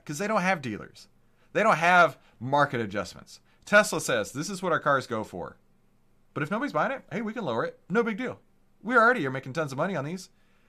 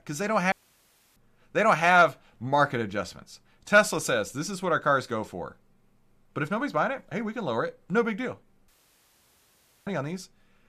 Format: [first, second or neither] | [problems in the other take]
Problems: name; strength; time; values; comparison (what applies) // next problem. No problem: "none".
first | audio cutting out; at 0.5 s for 0.5 s and at 8.5 s for 1 s